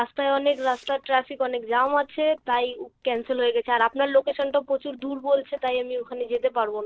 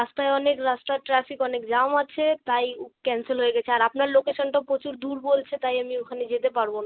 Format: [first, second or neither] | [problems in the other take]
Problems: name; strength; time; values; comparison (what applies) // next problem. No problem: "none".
second | noise reduction (neural separator model SepFormer DNS4)